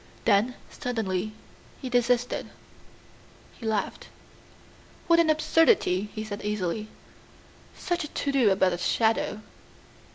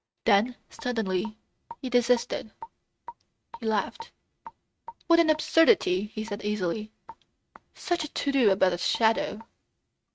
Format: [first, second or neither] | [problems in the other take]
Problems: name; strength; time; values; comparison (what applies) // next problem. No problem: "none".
first | noise reduction (neural mask model RNNoise)